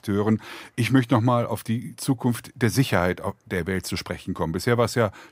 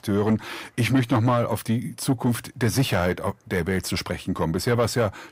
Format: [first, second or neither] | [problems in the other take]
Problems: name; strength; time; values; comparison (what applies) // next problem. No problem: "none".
first | distortion; slight; 10 dB below the speech